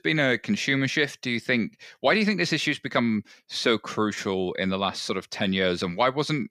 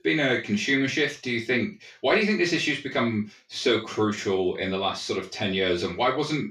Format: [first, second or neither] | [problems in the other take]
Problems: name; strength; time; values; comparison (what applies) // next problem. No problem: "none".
first | room echo; slight; dies away in 0.3 s // off-mic speech; far